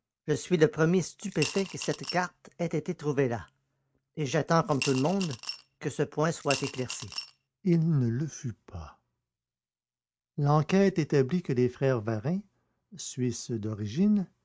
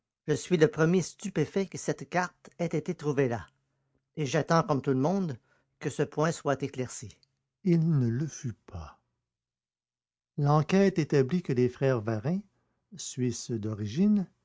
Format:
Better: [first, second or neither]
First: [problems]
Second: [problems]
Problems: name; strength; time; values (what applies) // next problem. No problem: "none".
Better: second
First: background sound (Coin (dropping) / Glass); 10 dB below the speech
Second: none